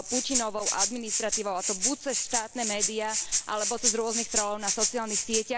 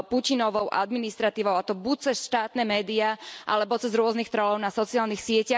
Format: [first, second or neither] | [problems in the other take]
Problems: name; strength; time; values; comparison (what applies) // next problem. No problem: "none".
second | background sound (Rattle (instrument)); 2 dB above the speech